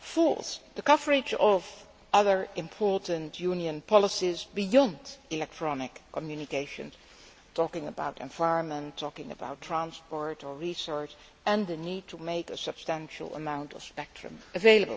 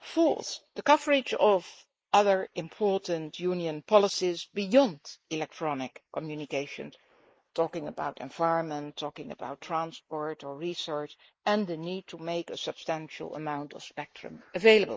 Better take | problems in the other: first | noise reduction (neural mask model Resemble Enhance denoiser)

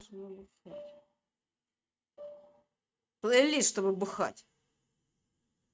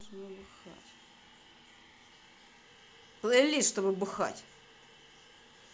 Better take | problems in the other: second | noise reduction (neural mask model RNNoise)

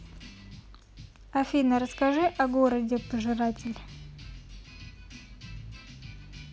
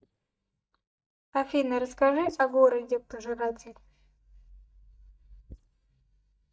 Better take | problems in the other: first | noise reduction (neural mask model DeepFilterNet 3)

